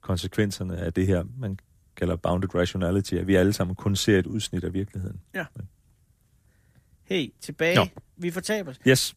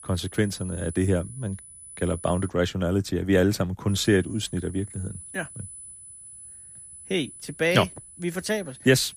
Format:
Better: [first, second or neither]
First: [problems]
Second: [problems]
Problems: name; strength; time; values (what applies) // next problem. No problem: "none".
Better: first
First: none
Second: high-pitched whine; noticeable; until 2.5 s and from 4 s on; 10 kHz, 15 dB below the speech